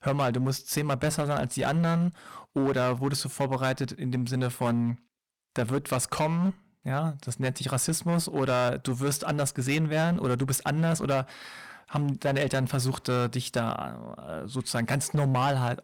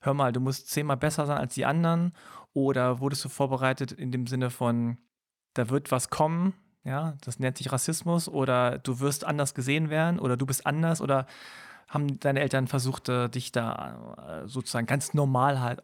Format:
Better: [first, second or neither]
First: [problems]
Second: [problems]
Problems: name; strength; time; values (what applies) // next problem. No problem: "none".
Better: second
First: distortion; slight; 11% of the sound clipped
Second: none